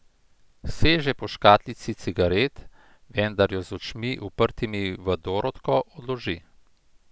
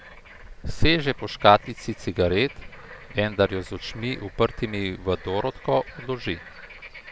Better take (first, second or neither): first